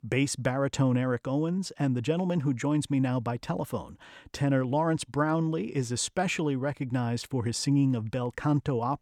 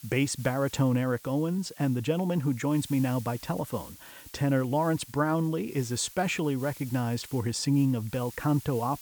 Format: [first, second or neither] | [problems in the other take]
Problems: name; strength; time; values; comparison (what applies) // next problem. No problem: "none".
first | hiss; noticeable; throughout; 20 dB below the speech